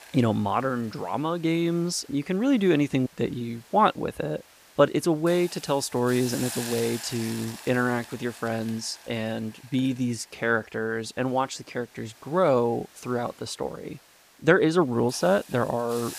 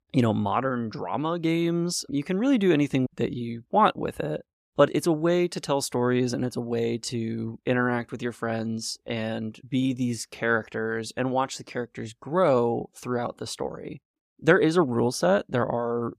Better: second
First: hiss; noticeable; throughout; 15 dB below the speech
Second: none

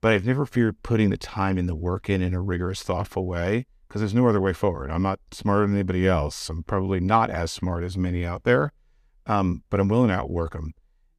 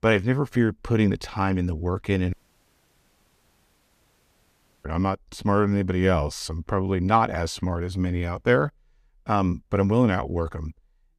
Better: first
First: none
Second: audio cutting out; at 2.5 s for 2.5 s

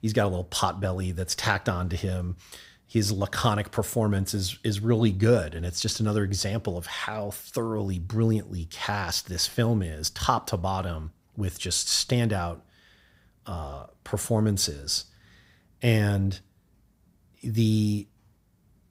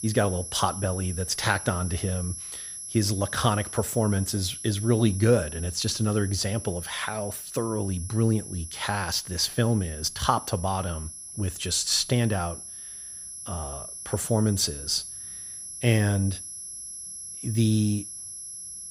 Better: first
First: none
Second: high-pitched whine; loud; throughout; 11 kHz, 9 dB below the speech

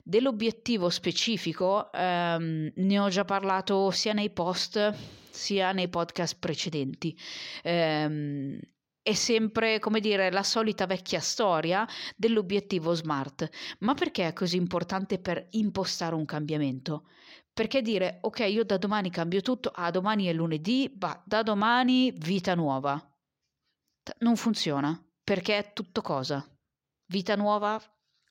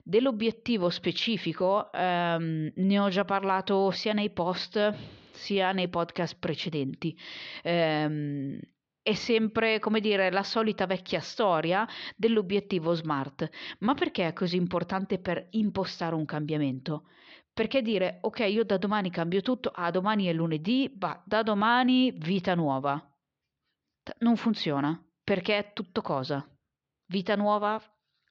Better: first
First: none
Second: muffled; very slightly; fading above 4 kHz

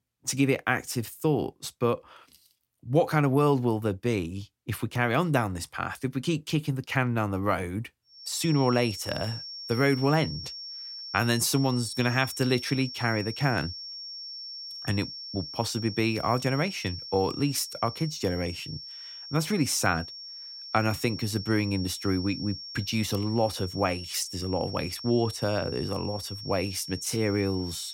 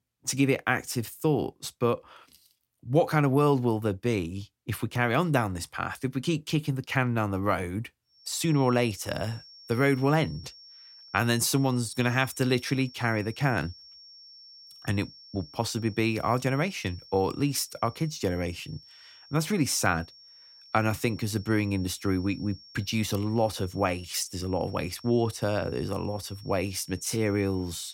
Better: second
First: high-pitched whine; loud; from 8 s on; 5.5 kHz, 10 dB below the speech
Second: high-pitched whine; faint; from 8 s on; 5.5 kHz, 20 dB below the speech

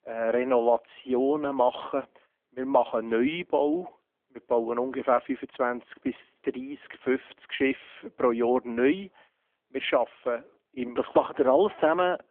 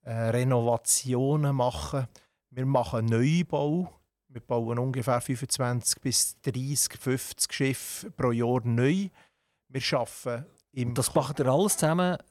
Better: second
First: phone-call audio; nothing above 3.5 kHz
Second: none

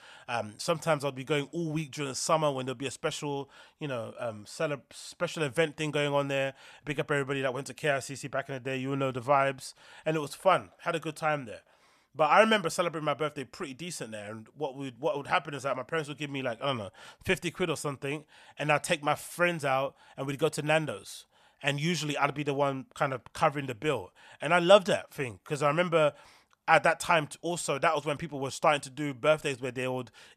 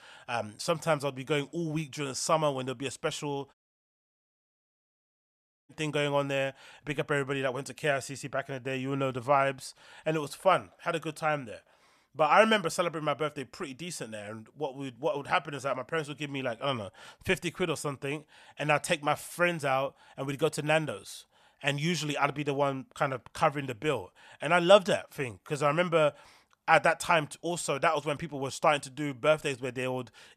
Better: first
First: none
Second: audio cutting out; at 3.5 s for 2 s

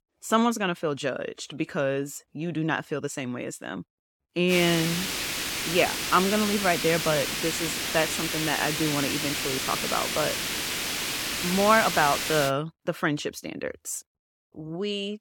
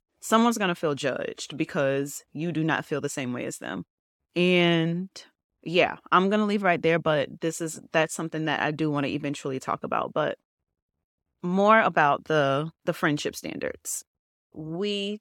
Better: second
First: hiss; loud; from 4.5 to 12 s; 1 dB below the speech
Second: none

